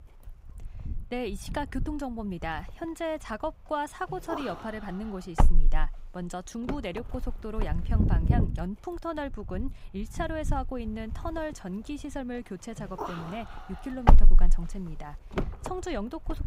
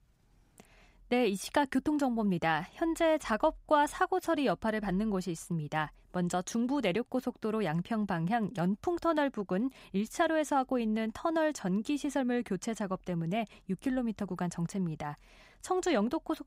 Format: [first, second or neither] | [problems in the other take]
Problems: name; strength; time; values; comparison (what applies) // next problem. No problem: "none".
second | wind noise on the microphone; heavy; 1 dB below the speech